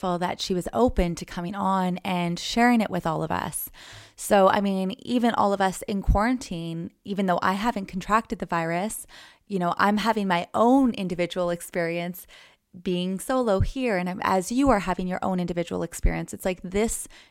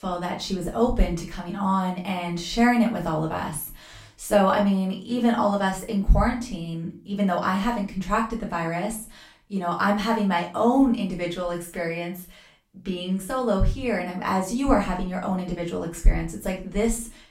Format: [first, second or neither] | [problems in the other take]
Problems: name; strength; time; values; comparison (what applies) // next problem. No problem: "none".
first | off-mic speech; far // room echo; slight; dies away in 0.3 s